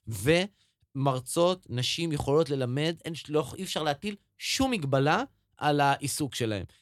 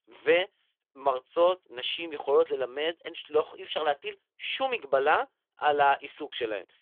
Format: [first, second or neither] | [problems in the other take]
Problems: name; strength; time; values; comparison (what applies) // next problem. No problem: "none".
first | phone-call audio; nothing above 3.5 kHz